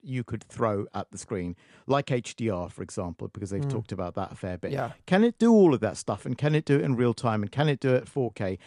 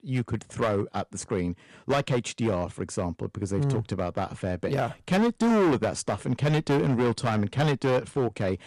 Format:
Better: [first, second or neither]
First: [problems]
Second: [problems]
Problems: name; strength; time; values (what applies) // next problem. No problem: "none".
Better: first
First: none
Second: distortion; heavy; 11% of the sound clipped